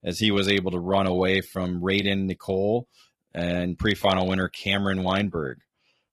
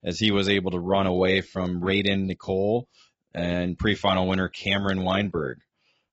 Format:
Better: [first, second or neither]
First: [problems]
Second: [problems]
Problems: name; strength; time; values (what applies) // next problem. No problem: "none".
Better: first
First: garbled, watery; slightly; nothing above 14.5 kHz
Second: garbled, watery; badly; nothing above 8 kHz